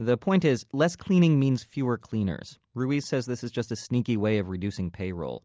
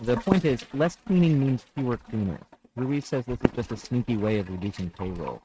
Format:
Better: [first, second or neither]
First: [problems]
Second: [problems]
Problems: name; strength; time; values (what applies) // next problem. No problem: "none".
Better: first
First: none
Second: noise reduction (neural mask model RNNoise)